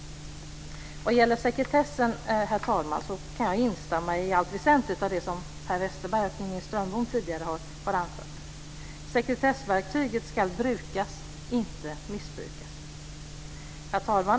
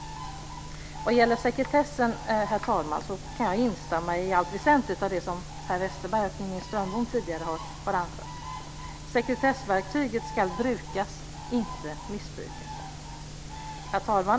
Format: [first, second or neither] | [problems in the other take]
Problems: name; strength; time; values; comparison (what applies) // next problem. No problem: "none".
first | background sound (Bird); 15 dB below the speech